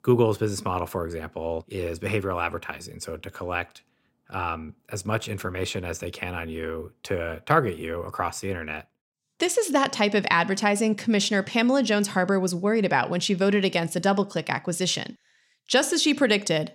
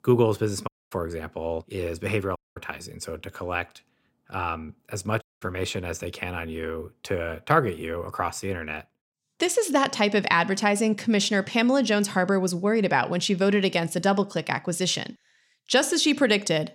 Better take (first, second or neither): first